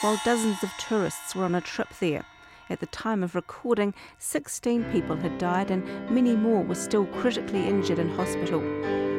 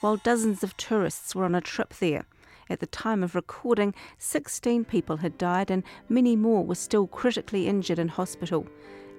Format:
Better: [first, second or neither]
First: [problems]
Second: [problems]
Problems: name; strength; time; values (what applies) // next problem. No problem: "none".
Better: second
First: background music; loud; throughout; 6 dB below the speech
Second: background music; faint; throughout; 25 dB below the speech